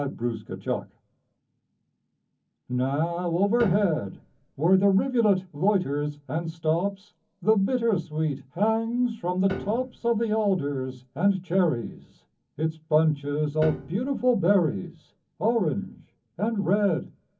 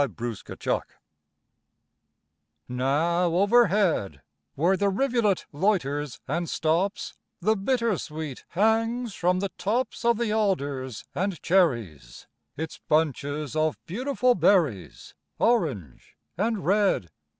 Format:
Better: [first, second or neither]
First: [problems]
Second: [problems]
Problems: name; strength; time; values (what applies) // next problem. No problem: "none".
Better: second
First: background sound (Piano); 13 dB below the speech // room echo; dies away in 0.3 s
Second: none